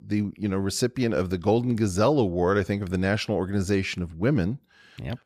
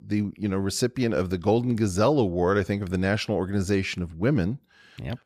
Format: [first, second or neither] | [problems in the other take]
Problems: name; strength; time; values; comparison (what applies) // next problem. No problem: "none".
neither | none